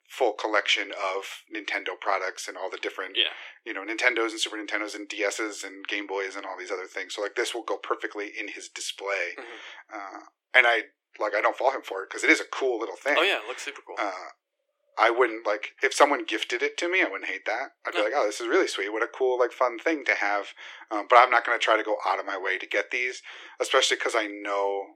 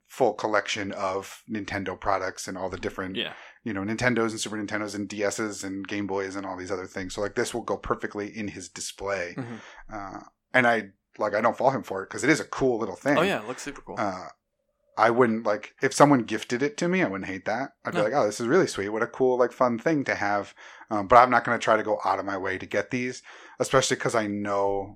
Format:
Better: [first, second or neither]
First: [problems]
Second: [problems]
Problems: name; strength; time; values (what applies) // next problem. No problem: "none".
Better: second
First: thin; very; fading below 300 Hz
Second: none